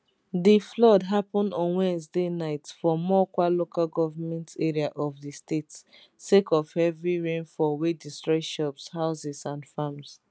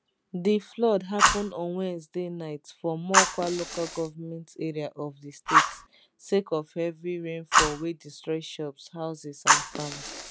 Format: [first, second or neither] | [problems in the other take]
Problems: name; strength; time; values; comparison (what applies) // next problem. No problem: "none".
first | background sound (Fire); 2 dB above the speech